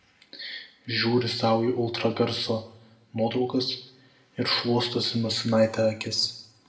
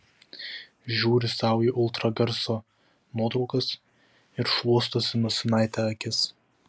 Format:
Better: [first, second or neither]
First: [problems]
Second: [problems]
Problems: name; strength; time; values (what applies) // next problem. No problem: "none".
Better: second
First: room echo; dies away in 0.6 s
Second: none